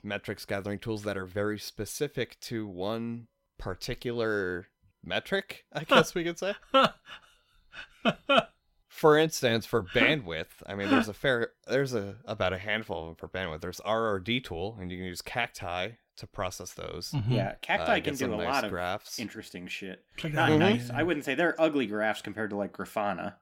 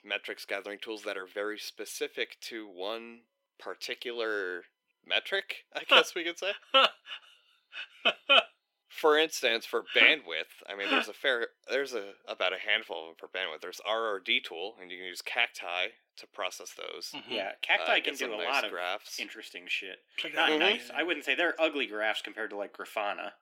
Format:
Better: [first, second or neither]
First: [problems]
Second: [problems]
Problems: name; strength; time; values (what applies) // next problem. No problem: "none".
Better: first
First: none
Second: thin; somewhat; fading below 350 Hz